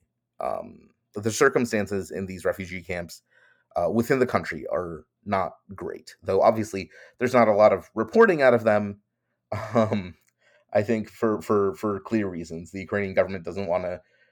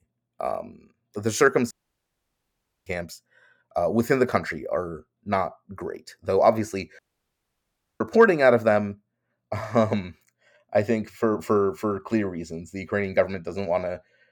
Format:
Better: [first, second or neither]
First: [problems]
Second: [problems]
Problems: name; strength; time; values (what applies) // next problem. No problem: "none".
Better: first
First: none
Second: audio cutting out; at 1.5 s for 1 s and at 7 s for 1 s